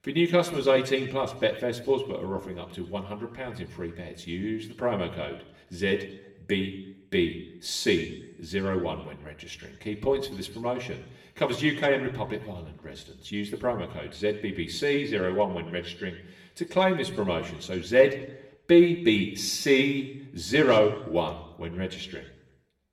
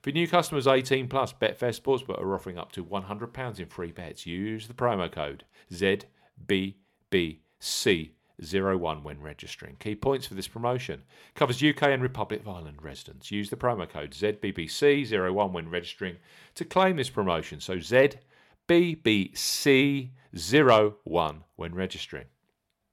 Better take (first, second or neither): second